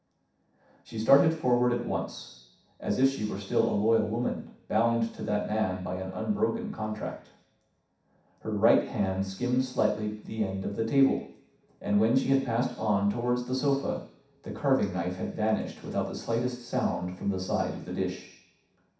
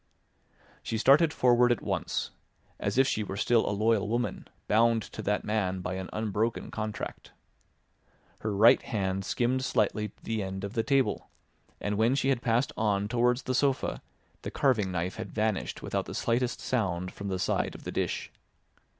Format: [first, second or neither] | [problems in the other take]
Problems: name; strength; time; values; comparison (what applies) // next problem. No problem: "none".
second | room echo; dies away in 0.7 s